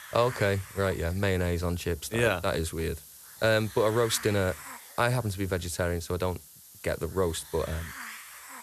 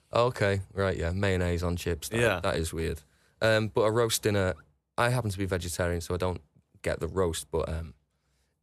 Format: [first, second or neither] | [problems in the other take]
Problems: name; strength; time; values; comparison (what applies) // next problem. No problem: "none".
second | hiss; noticeable; throughout; 15 dB below the speech